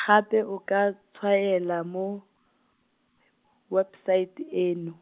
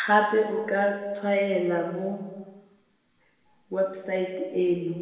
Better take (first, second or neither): first